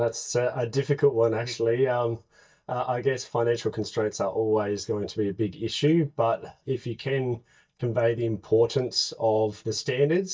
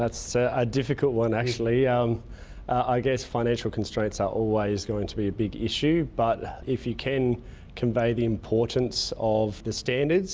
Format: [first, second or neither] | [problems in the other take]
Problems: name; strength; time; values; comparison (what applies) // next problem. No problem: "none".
second | noise reduction (neural mask model DeepFilterNet 3)